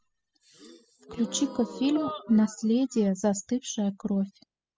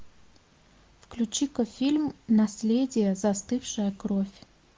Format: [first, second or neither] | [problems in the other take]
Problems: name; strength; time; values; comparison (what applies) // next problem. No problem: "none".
second | noise reduction (classical method spectral subtraction)